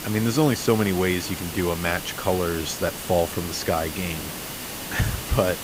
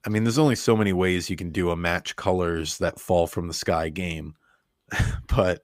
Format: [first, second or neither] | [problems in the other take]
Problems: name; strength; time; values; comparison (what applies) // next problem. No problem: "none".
second | hiss; loud; throughout; 7 dB below the speech